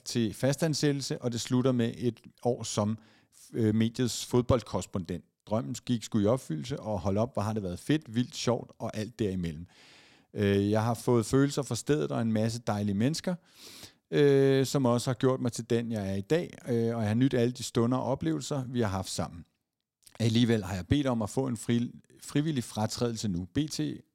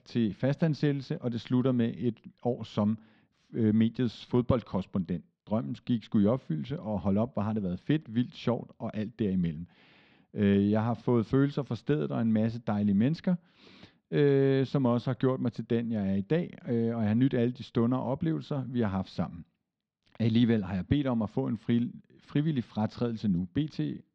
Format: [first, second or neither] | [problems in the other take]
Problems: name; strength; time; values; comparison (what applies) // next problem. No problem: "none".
first | muffled; slightly; fading above 3.5 kHz